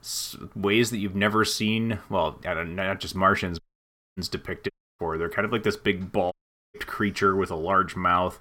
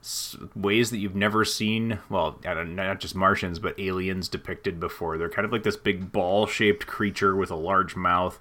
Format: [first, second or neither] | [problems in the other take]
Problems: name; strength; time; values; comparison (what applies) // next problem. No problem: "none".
second | audio cutting out; at 3.5 s for 0.5 s, at 4.5 s and at 6.5 s